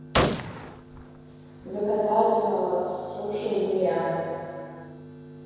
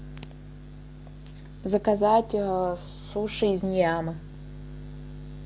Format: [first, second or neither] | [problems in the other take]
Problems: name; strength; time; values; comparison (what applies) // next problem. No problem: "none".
second | background sound (Gunshot, gunfire); 4 dB below the speech // room echo; dies away in 2.2 s